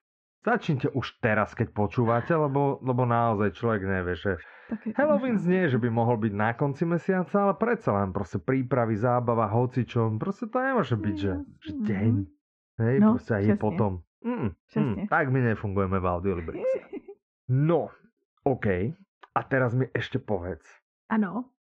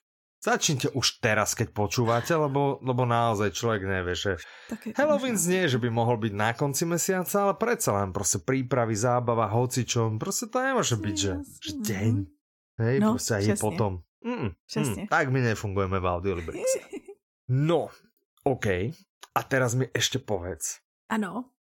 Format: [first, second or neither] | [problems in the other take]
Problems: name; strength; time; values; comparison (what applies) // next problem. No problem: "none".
second | muffled; very; fading above 2 kHz